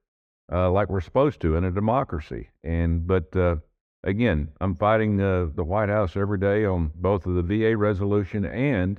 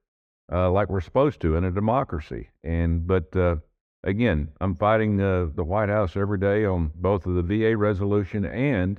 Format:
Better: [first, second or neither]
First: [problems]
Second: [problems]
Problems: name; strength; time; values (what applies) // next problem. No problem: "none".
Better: neither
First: muffled; slightly; fading above 3.5 kHz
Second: muffled; slightly; fading above 3.5 kHz